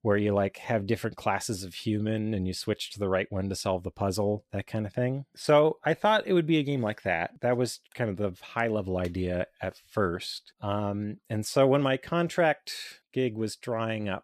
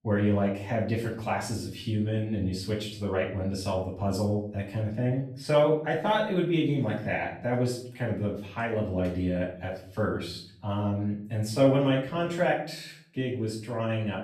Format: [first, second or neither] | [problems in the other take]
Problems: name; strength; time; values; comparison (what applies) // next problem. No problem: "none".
first | off-mic speech; far // room echo; noticeable; dies away in 0.6 s